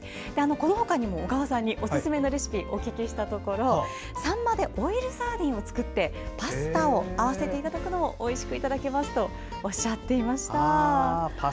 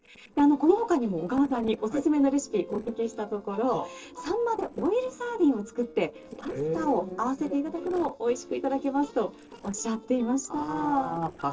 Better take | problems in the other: first | noise reduction (neural separator model SepFormer DNS4)

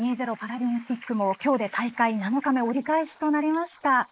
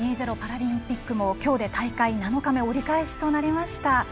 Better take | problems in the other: second | noise reduction (neural mask model Resemble Enhance denoiser)

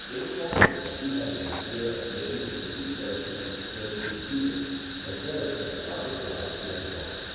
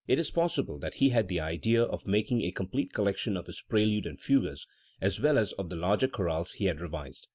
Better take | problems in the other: second | background sound (Fire); 1 dB above the speech // room echo; dies away in 2.2 s

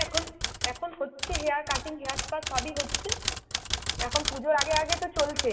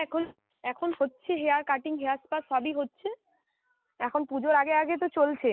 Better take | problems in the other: second | background sound (Typewriter); 1 dB below the speech // room echo; dies away in 2.9 s

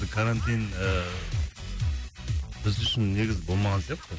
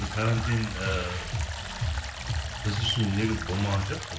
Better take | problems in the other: first | background sound (Stream); 10 dB below the speech // room echo; dies away in 0.7 s

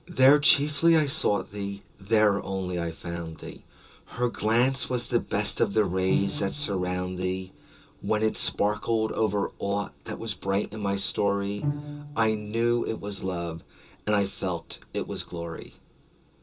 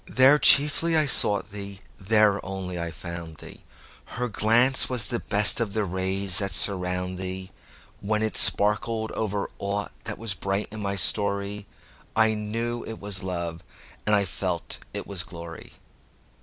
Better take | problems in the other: second | background sound (Bowed string instrument); 10 dB below the speech // room echo; dies away in 0.2 s

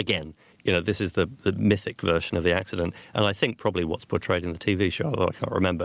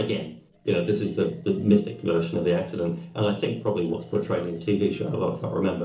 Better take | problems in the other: first | noise reduction (neural separator model SepFormer DNS4)

